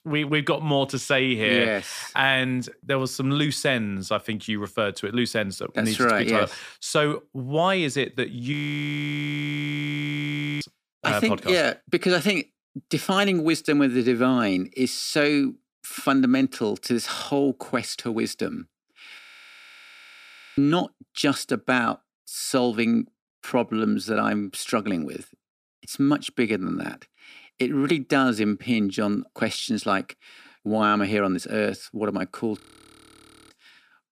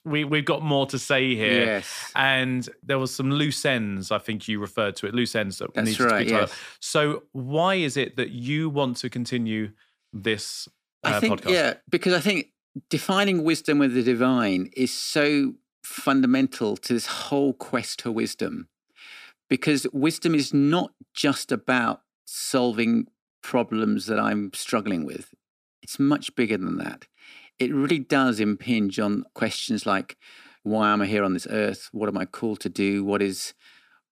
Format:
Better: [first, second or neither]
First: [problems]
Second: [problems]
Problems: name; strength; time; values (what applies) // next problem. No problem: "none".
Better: second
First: audio freezing; at 8.5 s for 2 s, at 19 s for 1.5 s and at 33 s for 1 s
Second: none